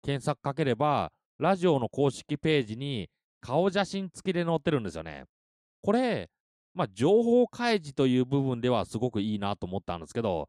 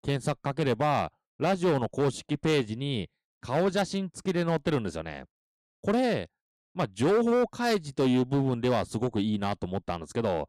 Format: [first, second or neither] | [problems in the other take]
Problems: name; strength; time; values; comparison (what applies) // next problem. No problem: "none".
first | distortion; slight; 8% of the sound clipped